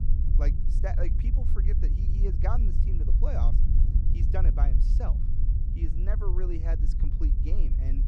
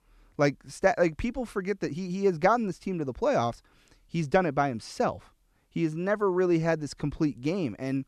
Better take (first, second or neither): second